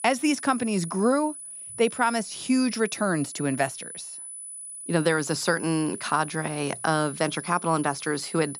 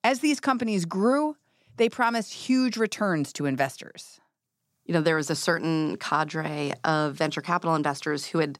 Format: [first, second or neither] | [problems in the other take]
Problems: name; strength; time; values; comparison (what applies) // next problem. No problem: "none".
second | high-pitched whine; noticeable; throughout; 10 kHz, 10 dB below the speech